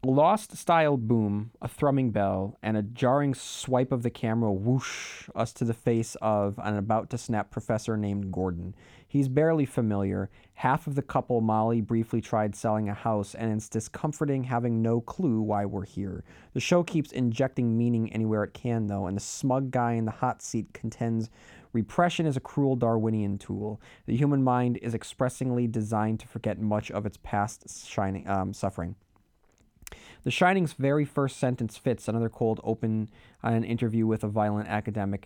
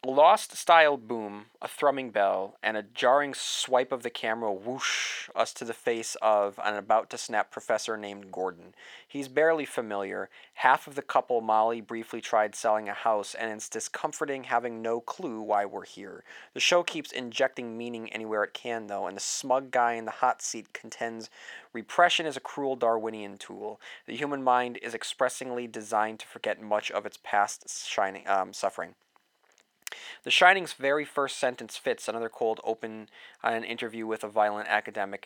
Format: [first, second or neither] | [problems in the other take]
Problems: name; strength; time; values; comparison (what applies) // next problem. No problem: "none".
first | thin; very; fading below 600 Hz